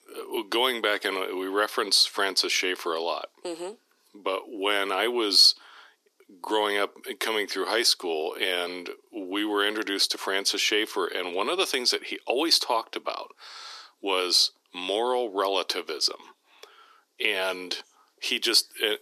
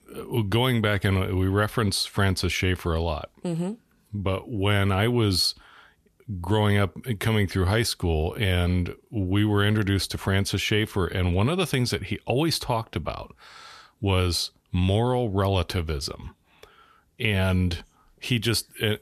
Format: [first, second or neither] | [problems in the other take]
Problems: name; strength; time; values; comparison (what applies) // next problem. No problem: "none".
second | thin; very; fading below 300 Hz